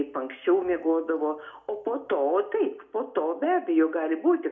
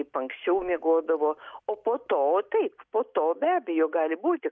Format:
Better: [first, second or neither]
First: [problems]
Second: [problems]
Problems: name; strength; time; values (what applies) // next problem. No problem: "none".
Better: second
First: room echo; dies away in 0.4 s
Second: none